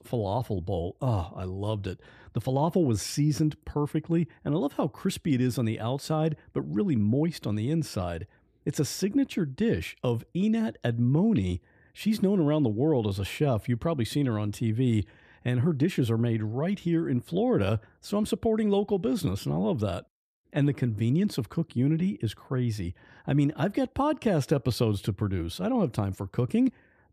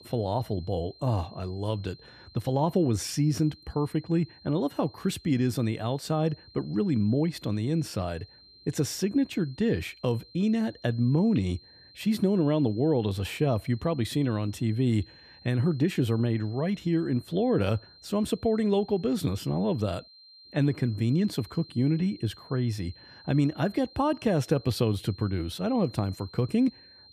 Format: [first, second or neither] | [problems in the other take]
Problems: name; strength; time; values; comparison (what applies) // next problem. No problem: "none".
first | high-pitched whine; faint; throughout; 4 kHz, 25 dB below the speech